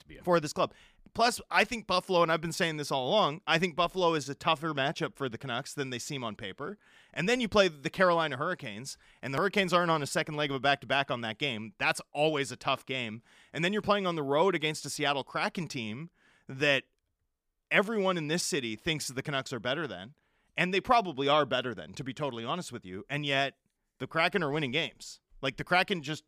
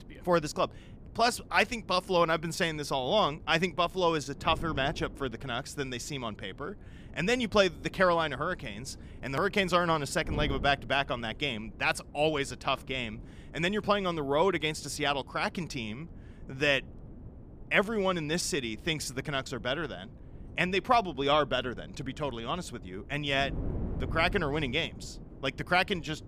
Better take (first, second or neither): first